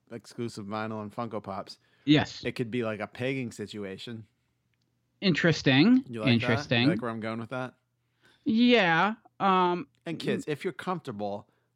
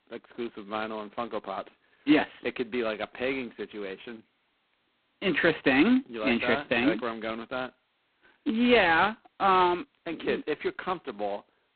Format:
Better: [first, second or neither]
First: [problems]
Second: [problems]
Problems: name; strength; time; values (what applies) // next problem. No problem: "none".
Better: first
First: none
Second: phone-call audio; poor line; nothing above 4 kHz